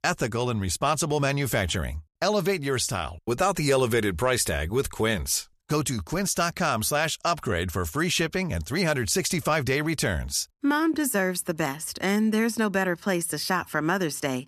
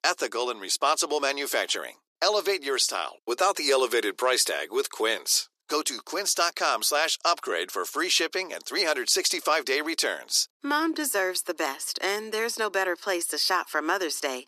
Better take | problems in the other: first | thin; very; fading below 300 Hz

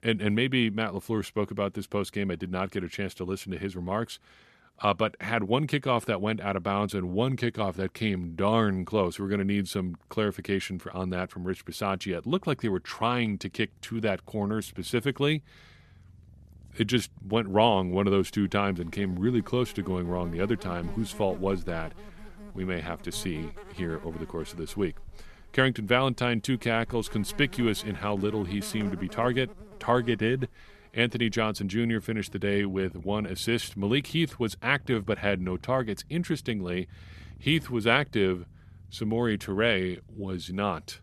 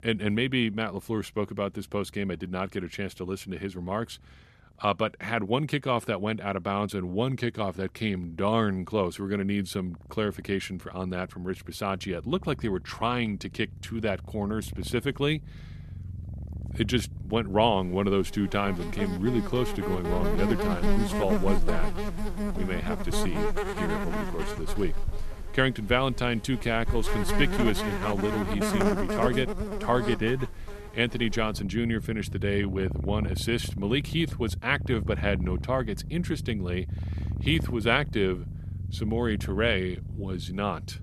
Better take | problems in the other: first | animal sounds; loud; throughout; 4 dB below the speech; faint in the first

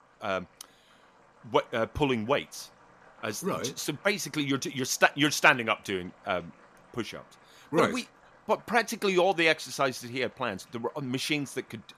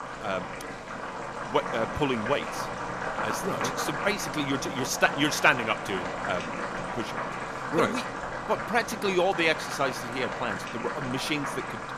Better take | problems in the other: first | household noises; loud; throughout; 5 dB below the speech; faint in the first

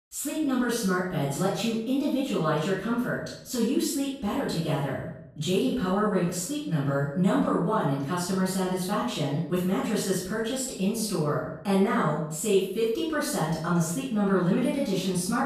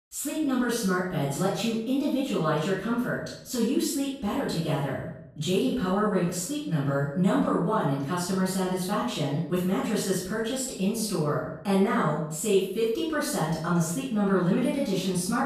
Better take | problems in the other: neither | room echo; noticeable; dies away in 0.6 s; the same in both // off-mic speech; far; the same in both

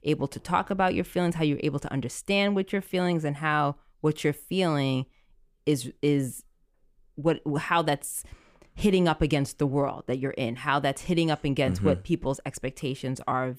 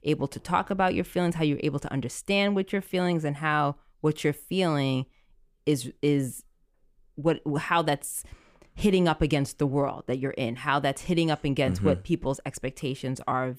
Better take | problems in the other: neither | none

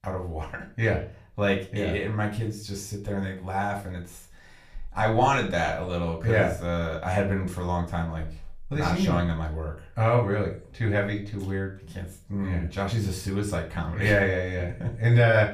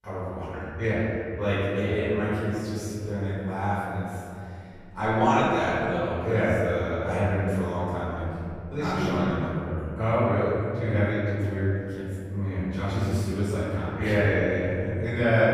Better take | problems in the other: first | room echo; strong; dies away in 2.7 s; slight in the first // off-mic speech; far; far in the first

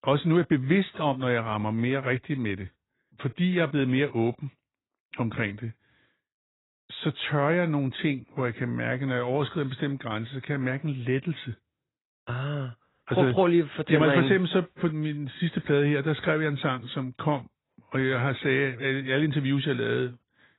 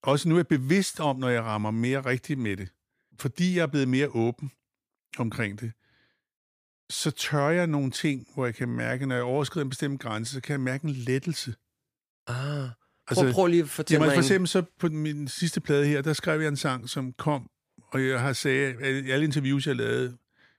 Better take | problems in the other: second | garbled, watery; badly; nothing above 4 kHz

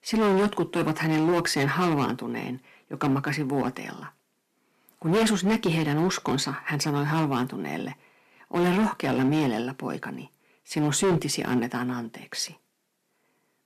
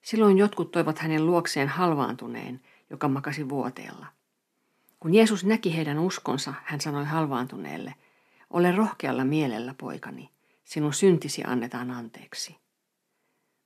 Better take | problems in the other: second | distortion; heavy; 9% of the sound clipped

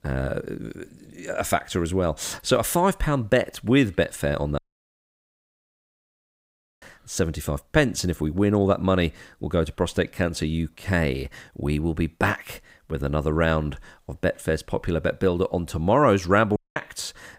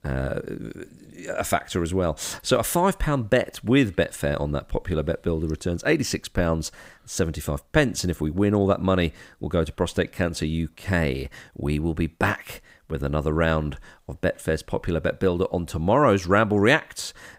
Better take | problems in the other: second | audio cutting out; at 4.5 s for 2 s and at 17 s

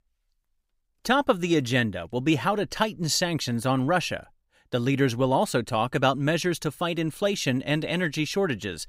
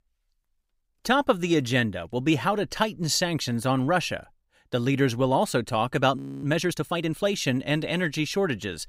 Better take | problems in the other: first | audio freezing; at 6 s

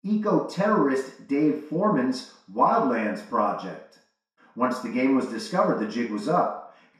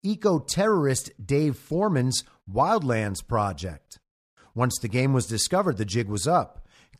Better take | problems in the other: second | room echo; noticeable; dies away in 0.6 s // off-mic speech; far

